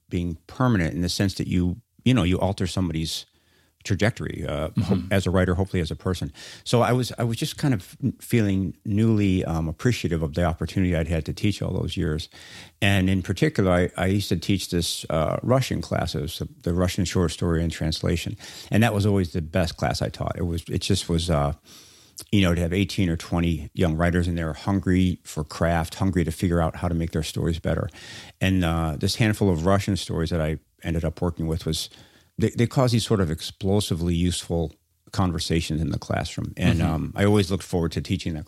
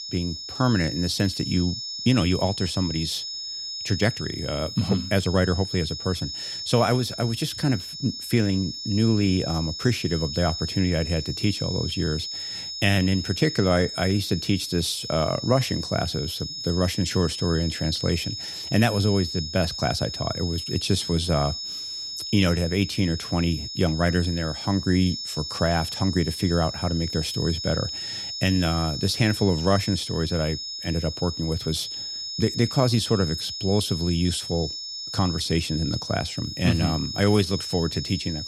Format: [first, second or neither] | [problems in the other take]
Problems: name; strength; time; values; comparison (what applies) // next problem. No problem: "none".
first | high-pitched whine; loud; throughout; 5 kHz, 6 dB below the speech